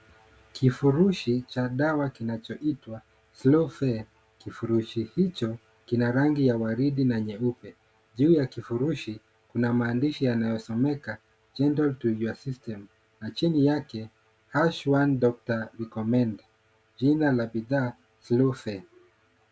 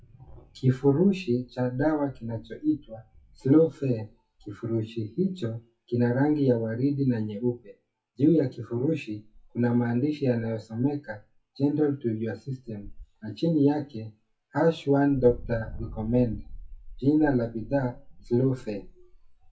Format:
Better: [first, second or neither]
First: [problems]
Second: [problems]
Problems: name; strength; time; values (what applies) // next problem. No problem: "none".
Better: first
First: none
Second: noise reduction (classical method WPE with log-MMSE)